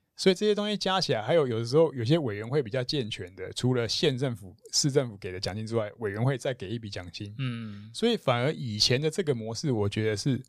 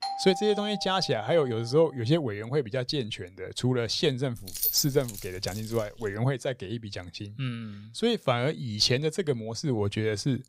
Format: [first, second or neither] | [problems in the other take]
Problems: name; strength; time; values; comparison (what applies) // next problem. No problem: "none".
first | doorbell; noticeable; until 1.5 s; peak 5 dB below the speech // jangling keys; loud; from 4.5 to 6 s; peak 1 dB above the speech